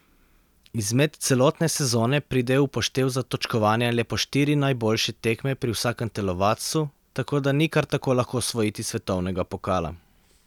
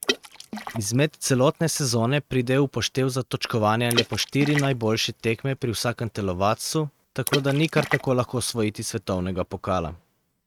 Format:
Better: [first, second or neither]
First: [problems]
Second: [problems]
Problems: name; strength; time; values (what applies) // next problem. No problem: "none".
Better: first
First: none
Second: noise reduction (neural mask model RNNoise)